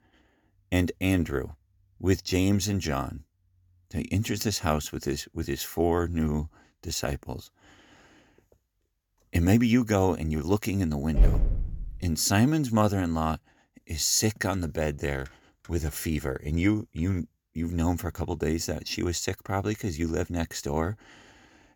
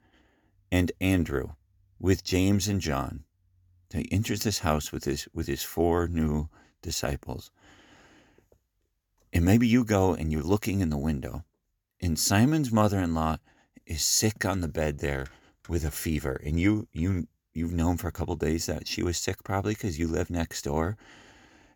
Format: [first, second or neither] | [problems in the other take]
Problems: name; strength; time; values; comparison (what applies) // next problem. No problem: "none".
second | door banging; loud; at 11 s; peak 3 dB above the speech